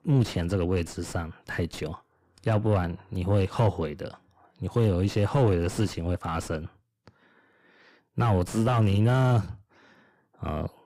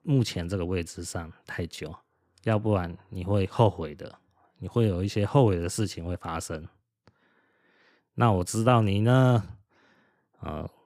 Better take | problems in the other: second | distortion; heavy; 5 dB below the speech

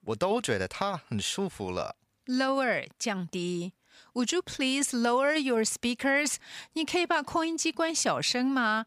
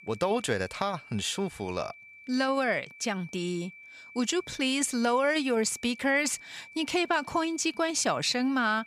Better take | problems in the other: first | high-pitched whine; noticeable; throughout; 2.5 kHz, 20 dB below the speech

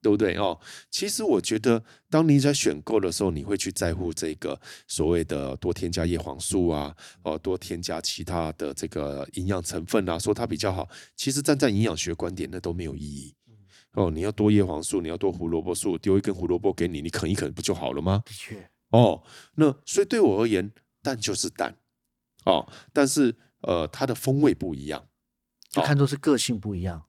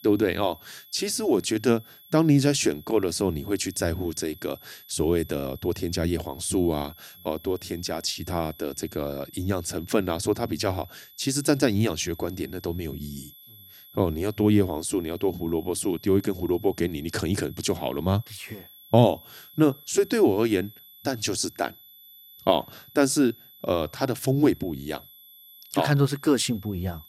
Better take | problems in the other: first | high-pitched whine; faint; throughout; 12 kHz, 20 dB below the speech

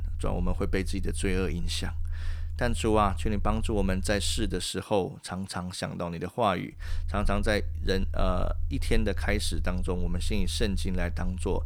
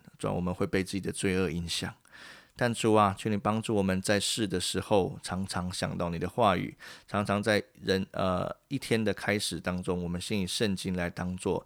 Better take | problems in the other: second | low rumble; faint; until 4.5 s and from 7 s on; 25 dB below the speech

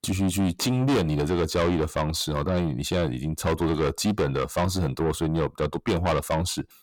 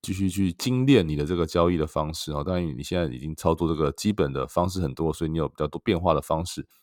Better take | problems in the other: second | distortion; heavy; 6 dB below the speech

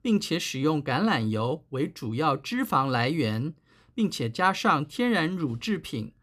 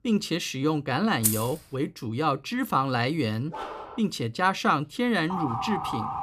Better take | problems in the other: first | jangling keys; loud; at 1 s; peak 1 dB above the speech // dog barking; noticeable; at 3.5 s; peak 9 dB below the speech // siren; noticeable; at 5.5 s; peak 4 dB below the speech

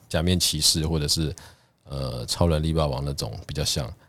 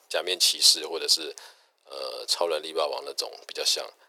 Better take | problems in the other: first | thin; very; fading below 400 Hz

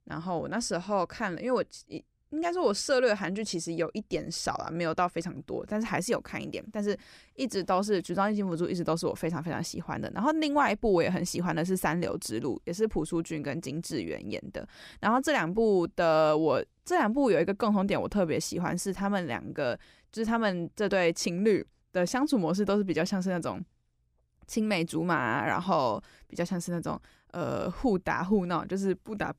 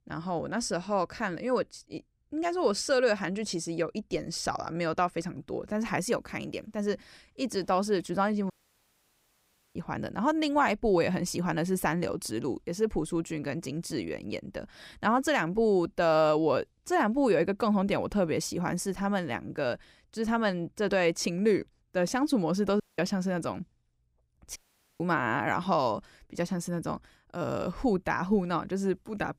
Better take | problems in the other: first | audio cutting out; at 8.5 s for 1.5 s, at 23 s and at 25 s

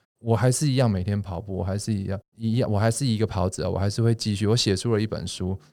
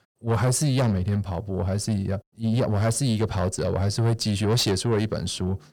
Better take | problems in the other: first | distortion; slight; 10 dB below the speech

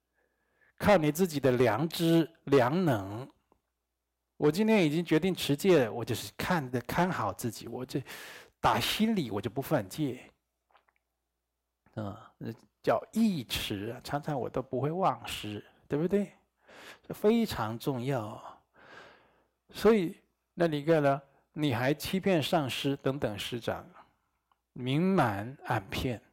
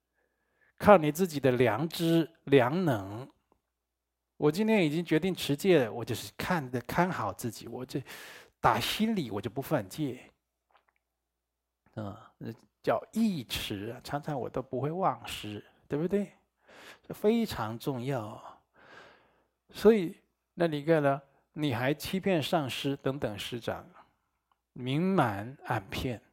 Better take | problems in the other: second | distortion; slight; 0.9% of the sound clipped

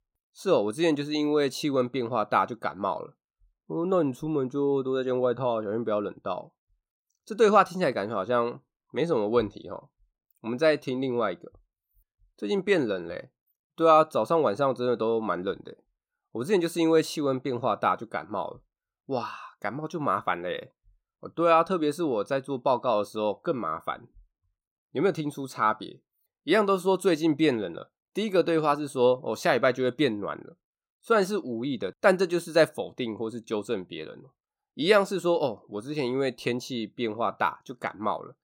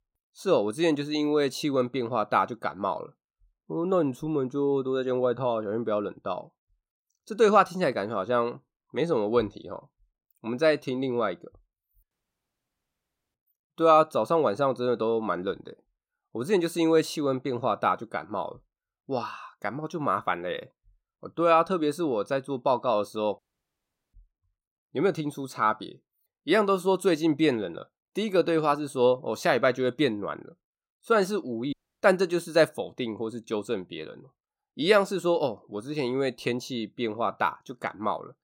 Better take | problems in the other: first | audio cutting out; at 12 s for 1 s, at 23 s for 1 s and at 32 s

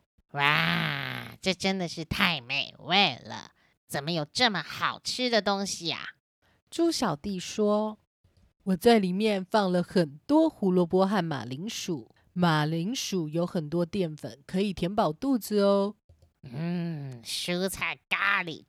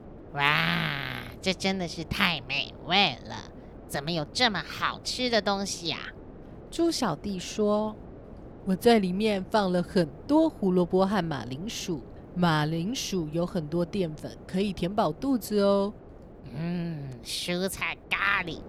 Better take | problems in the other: first | wind noise on the microphone; occasional gusts; 20 dB below the speech

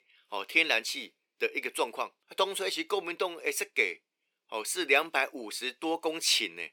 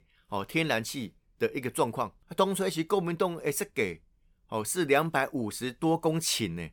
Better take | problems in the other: second | thin; somewhat; fading below 350 Hz

